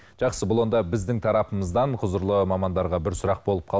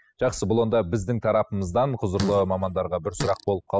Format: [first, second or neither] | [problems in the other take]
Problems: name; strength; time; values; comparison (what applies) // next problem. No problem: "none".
first | noise reduction (classical method spectral subtraction)